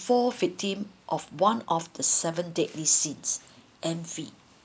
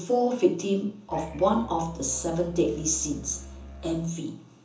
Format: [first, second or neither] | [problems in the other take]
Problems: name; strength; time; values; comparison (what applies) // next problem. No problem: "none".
first | background sound (Musical instrument); 15 dB below the speech // room echo; dies away in 0.7 s